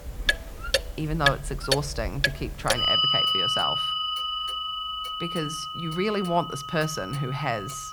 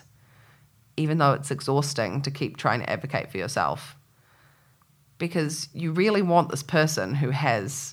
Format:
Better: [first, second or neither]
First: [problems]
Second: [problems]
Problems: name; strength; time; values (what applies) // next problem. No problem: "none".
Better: second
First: household noises; very loud; throughout; 4 dB above the speech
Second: none